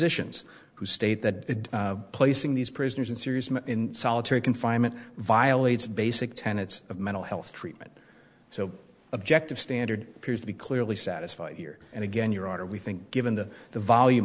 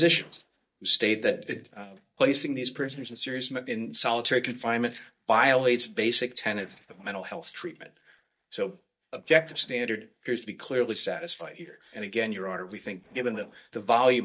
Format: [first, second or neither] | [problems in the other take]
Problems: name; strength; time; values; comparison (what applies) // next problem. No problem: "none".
first | noise reduction (neural mask model DeepFilterNet 3)